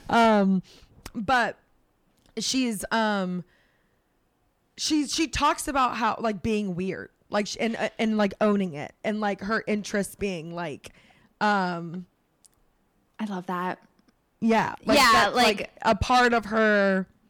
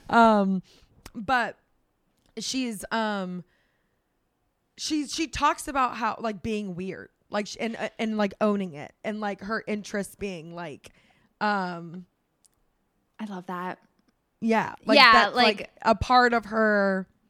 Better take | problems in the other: second | distortion; heavy; 8 dB below the speech

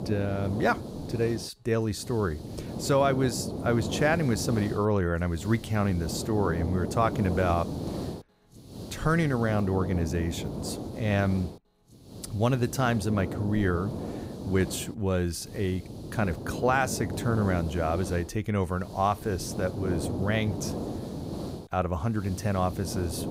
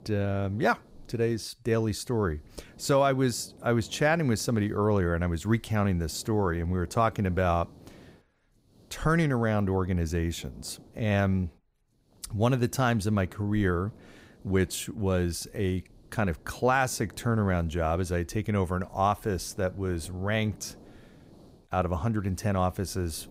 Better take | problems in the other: second | hiss; loud; throughout; 7 dB below the speech; faint in the second

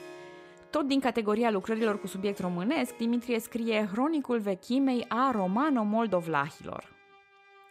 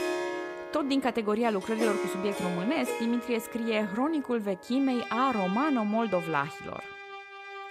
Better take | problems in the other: first | background music; loud; throughout; 8 dB below the speech; faint in the first

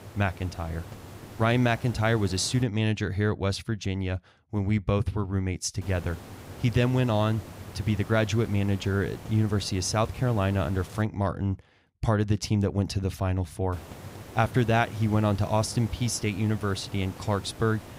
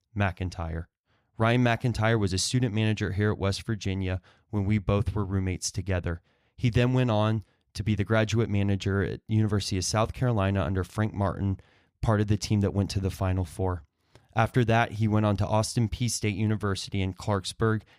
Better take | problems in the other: second | hiss; noticeable; until 2.5 s, from 6 to 11 s and from 14 s on; 15 dB below the speech

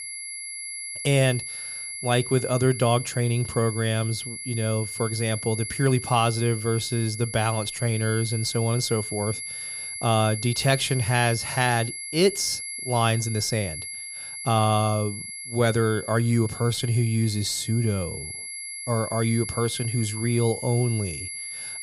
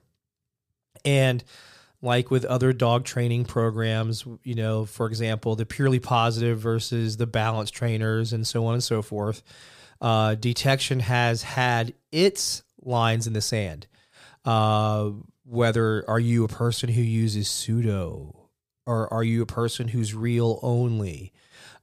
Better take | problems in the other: second | high-pitched whine; loud; throughout; 11 kHz, 7 dB below the speech

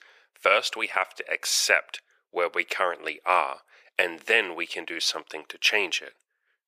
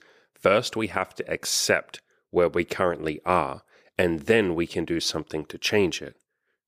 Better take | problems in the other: second | thin; very; fading below 750 Hz

